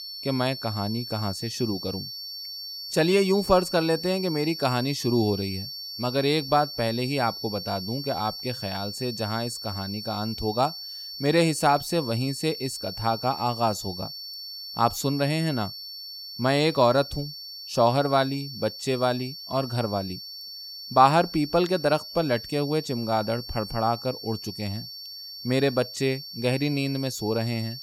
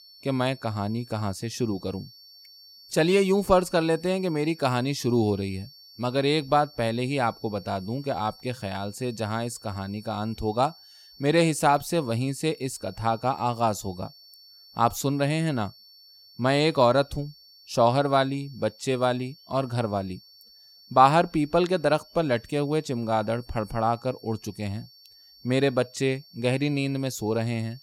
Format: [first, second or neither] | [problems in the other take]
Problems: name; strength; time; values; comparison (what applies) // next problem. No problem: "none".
second | high-pitched whine; loud; throughout; 4.5 kHz, 9 dB below the speech; faint in the second